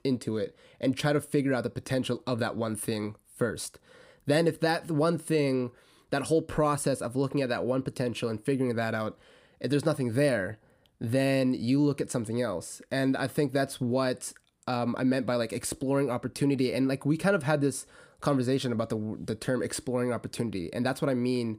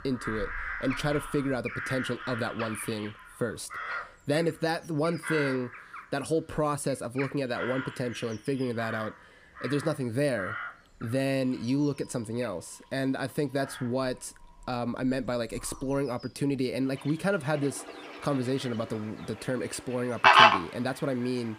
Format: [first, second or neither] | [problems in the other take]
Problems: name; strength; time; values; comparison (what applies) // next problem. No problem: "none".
first | animal sounds; very loud; throughout; 3 dB above the speech